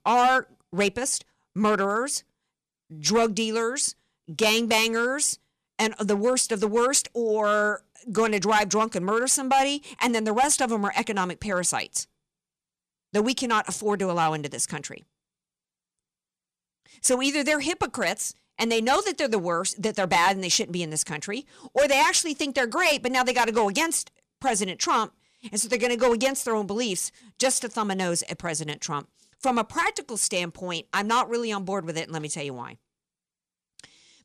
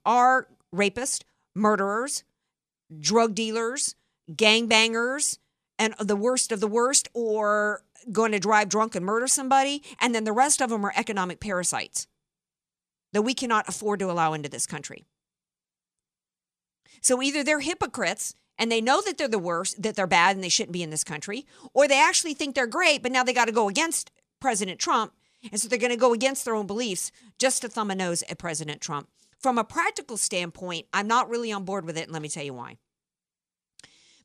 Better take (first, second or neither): second